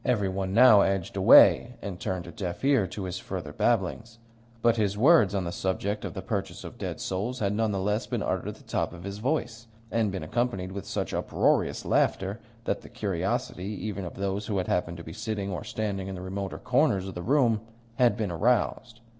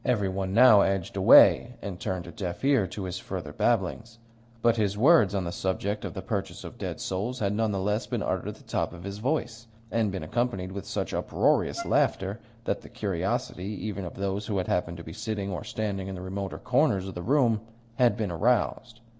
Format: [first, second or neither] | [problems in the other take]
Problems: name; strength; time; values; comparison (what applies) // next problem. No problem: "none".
first | background sound (Wind instrument, woodwind instrument); 14 dB below the speech